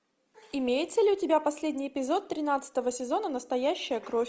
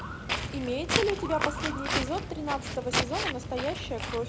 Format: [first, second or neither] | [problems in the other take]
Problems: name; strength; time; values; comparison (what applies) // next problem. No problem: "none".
first | background sound (Walk, footsteps); as loud as the speech